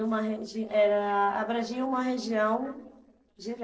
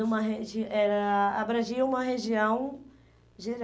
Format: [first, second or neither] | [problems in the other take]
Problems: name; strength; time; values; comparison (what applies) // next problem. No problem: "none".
second | noise reduction (neural separator model SepFormer DNS4)